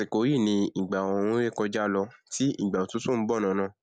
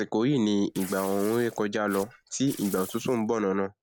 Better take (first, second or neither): first